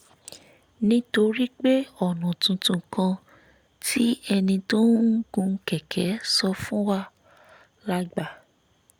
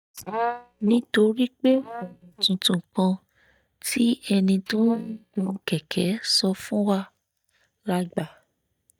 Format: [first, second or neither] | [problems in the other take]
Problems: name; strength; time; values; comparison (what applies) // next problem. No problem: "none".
first | noise reduction (neural mask model DeepFilterNet 3)